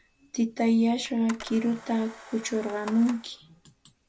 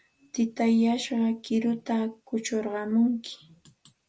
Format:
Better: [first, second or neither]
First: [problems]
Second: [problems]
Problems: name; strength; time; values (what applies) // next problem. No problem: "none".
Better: second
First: background sound (Camera); 19 dB below the speech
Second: none